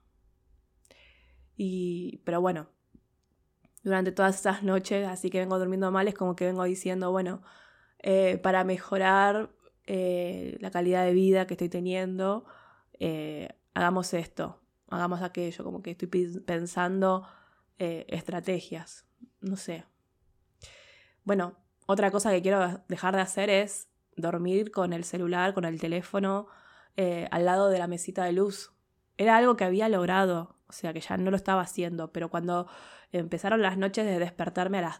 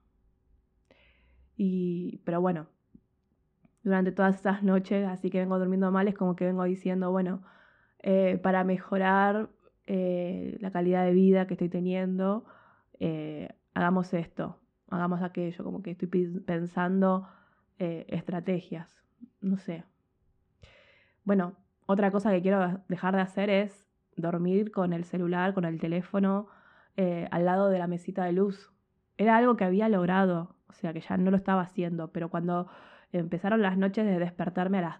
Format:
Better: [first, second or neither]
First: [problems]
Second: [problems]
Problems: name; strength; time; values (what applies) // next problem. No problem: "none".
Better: first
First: none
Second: muffled; very; fading above 2.5 kHz